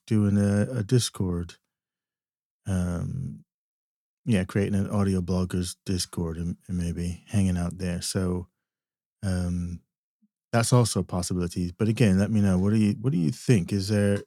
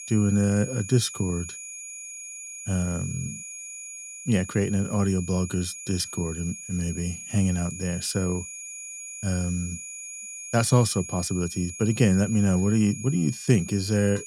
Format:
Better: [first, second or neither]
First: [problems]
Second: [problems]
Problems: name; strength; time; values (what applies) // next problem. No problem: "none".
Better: first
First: none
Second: high-pitched whine; noticeable; throughout; 7 kHz, 10 dB below the speech